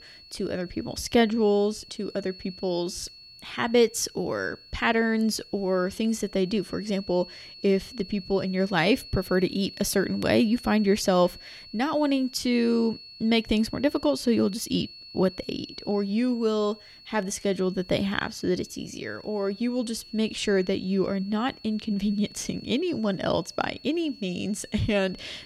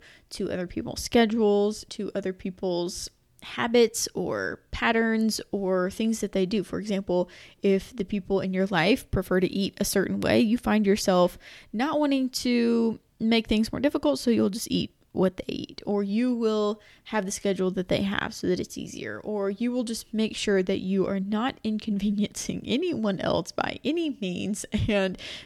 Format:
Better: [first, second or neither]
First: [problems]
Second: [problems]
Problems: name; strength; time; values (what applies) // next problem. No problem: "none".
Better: second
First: high-pitched whine; noticeable; throughout; 4.5 kHz, 20 dB below the speech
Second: none